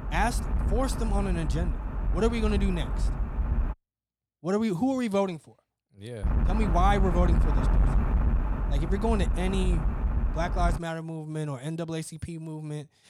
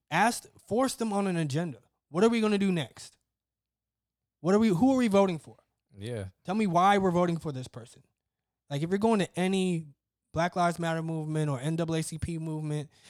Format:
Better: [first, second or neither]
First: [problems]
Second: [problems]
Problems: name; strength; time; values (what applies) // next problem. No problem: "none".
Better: second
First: wind noise on the microphone; heavy; until 3.5 s and from 6 to 11 s; 8 dB below the speech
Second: none